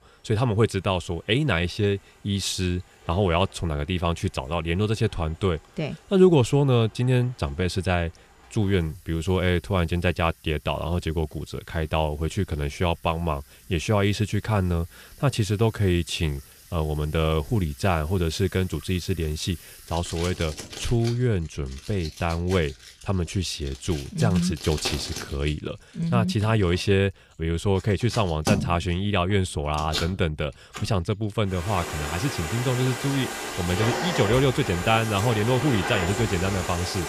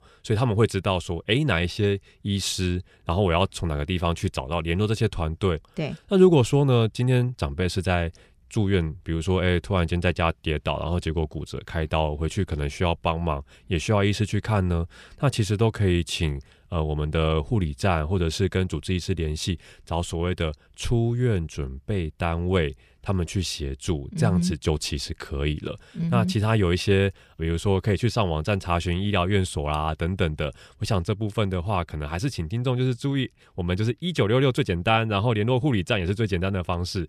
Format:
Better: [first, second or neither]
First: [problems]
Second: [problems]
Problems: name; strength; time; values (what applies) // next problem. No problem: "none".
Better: second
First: household noises; loud; throughout; 8 dB below the speech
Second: none